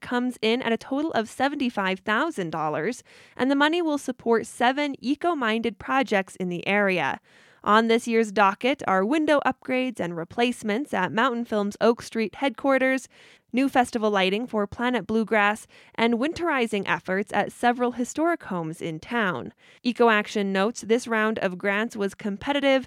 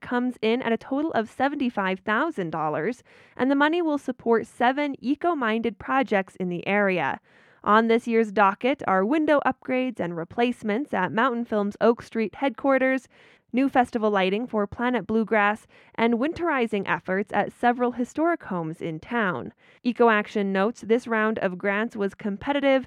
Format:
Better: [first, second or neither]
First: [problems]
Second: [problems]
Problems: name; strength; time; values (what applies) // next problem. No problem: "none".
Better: first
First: none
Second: muffled; slightly; fading above 3 kHz